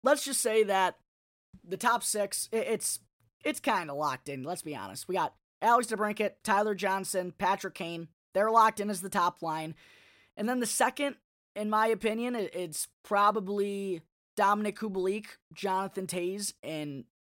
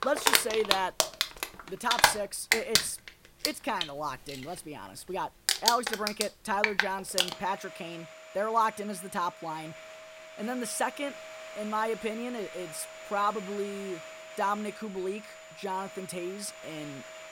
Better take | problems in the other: first | household noises; very loud; throughout; 4 dB above the speech

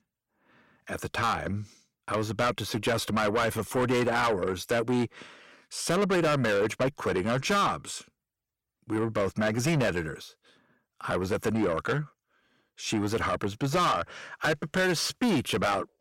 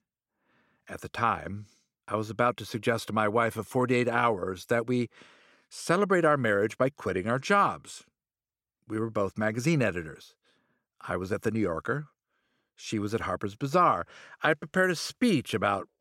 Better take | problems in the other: second | distortion; heavy; 6 dB below the speech

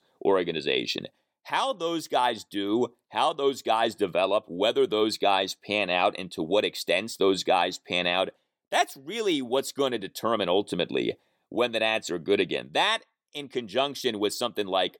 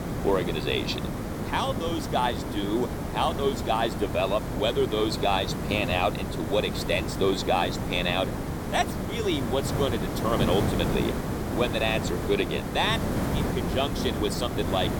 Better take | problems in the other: first | hiss; loud; throughout; 2 dB below the speech

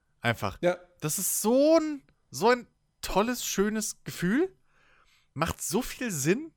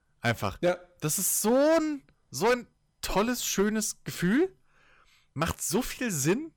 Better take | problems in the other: first | distortion; slight; 4% of the sound clipped

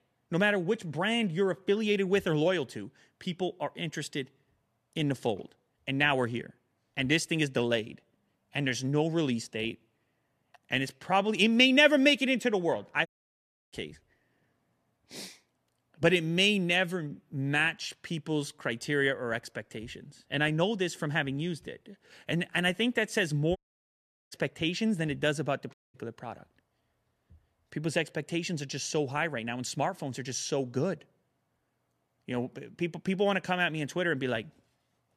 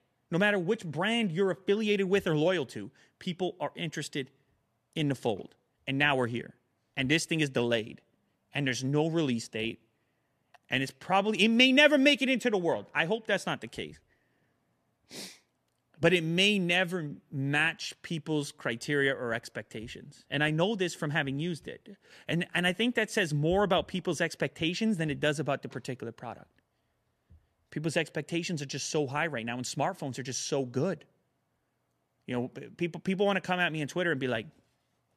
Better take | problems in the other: second | audio cutting out; at 13 s for 0.5 s, at 24 s for 1 s and at 26 s

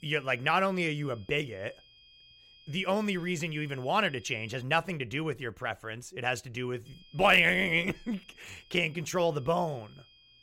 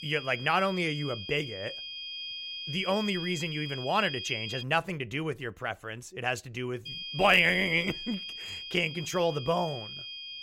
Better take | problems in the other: first | high-pitched whine; loud; until 4.5 s and from 7 s on; 3 kHz, 8 dB below the speech; faint in the first

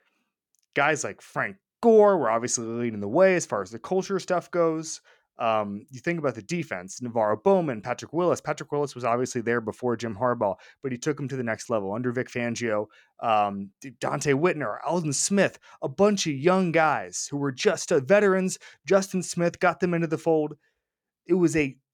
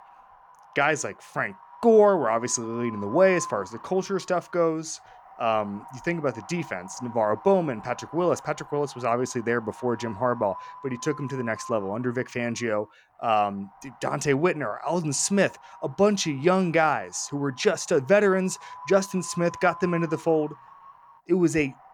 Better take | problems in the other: first | wind noise on the microphone; occasional gusts; 15 dB below the speech

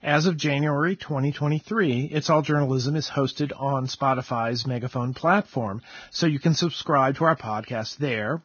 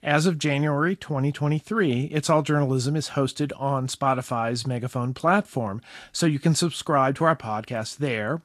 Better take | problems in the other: second | garbled, watery; badly; nothing above 6.5 kHz; slightly in the second

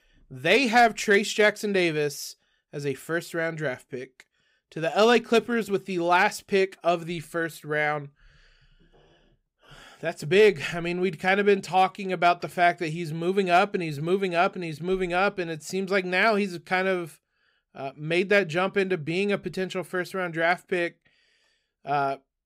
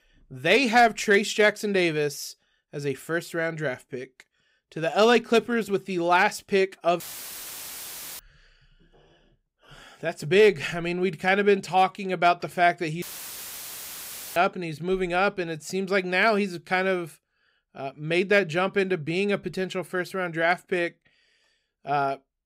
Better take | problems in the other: first | audio cutting out; filled with static; at 7 s for 1 s and at 13 s for 1.5 s

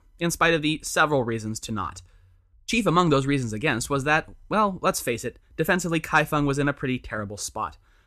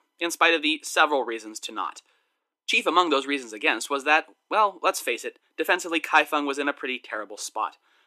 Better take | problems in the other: first | thin; somewhat; fading below 300 Hz

